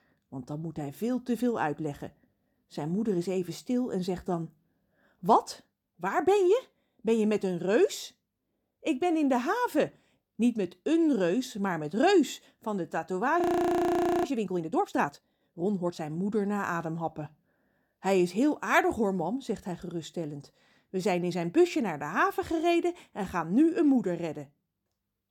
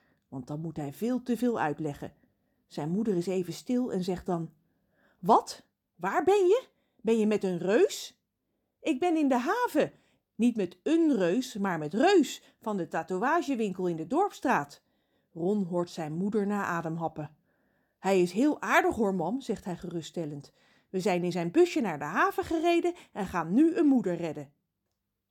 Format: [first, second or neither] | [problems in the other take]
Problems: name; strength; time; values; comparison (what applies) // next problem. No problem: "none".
second | audio freezing; at 13 s for 1 s